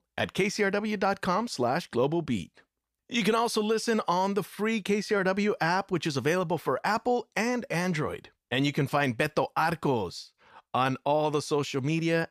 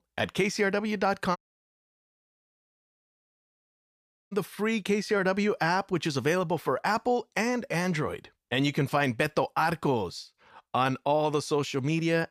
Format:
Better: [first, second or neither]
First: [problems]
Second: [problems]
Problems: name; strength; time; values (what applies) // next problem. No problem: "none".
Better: first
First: none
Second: audio cutting out; at 1.5 s for 3 s